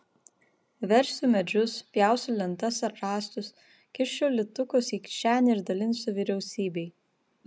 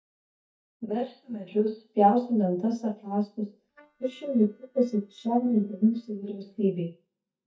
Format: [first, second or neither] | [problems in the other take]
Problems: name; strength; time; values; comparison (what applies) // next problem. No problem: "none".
first | noise reduction (neural mask model DeepFilterNet 3)